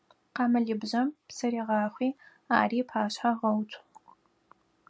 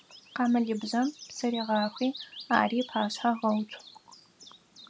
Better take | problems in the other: first | background sound (Bird vocalization, bird call, bird song); 17 dB below the speech

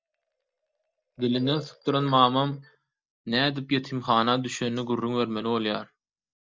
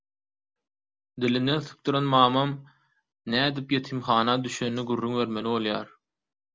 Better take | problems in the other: second | noise reduction (neural mask model DeepFilterNet 3)

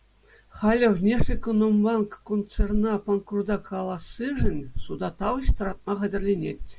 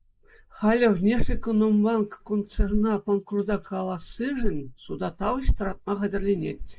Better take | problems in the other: first | noise reduction (neural mask model Resemble Enhance denoiser)

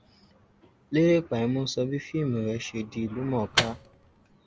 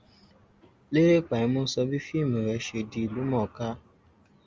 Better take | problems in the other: second | background sound (Microwave oven); 4 dB below the speech

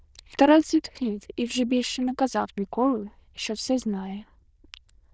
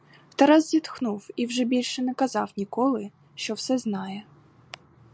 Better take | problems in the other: second | noise reduction (neural diffusion model UNIVERSE++)

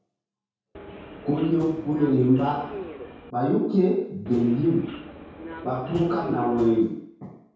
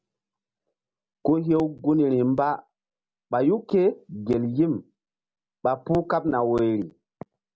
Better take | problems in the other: second | background sound (Subway, metro, underground); 14 dB below the speech // room echo; dies away in 0.6 s

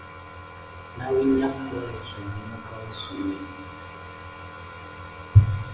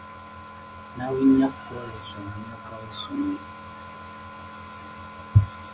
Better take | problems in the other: second | room echo; dies away in 1 s

